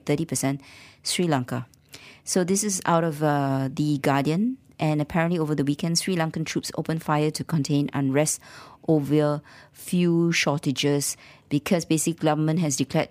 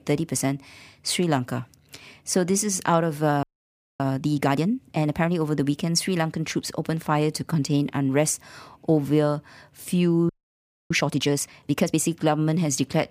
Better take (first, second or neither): first